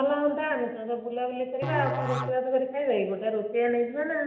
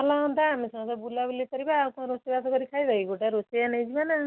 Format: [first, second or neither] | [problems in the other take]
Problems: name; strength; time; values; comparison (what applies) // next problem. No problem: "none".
second | background sound (Musical instrument); 8 dB below the speech // room echo; dies away in 0.8 s